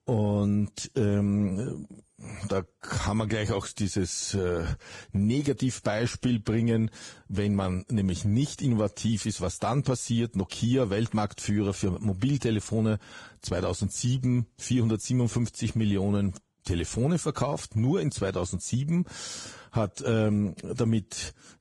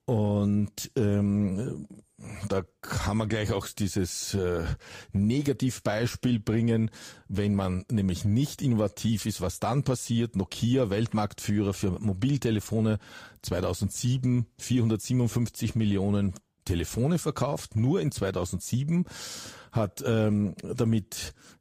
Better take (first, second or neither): second